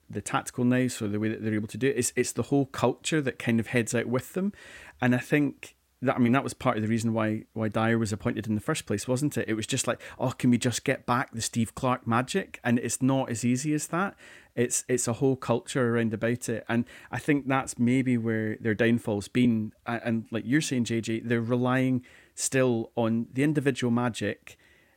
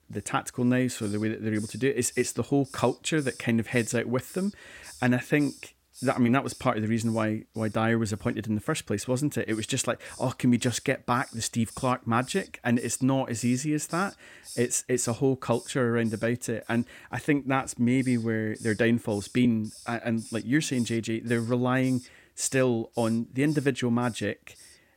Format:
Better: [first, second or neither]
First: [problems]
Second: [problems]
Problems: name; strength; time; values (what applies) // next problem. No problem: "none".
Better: first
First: none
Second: hiss; noticeable; throughout; 20 dB below the speech